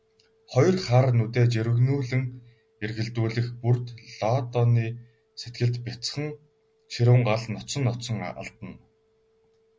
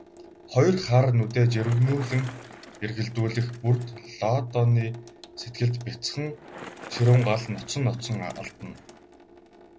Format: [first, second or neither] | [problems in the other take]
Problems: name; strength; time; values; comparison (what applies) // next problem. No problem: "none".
first | background sound (Bicycle + Sink (filling or washing) / Water tap, faucet); 19 dB below the speech